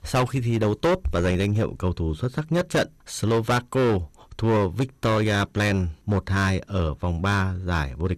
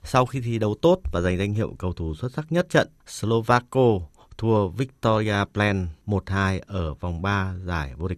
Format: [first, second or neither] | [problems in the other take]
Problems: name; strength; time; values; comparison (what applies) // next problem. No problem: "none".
second | distortion; heavy; 10% of the sound clipped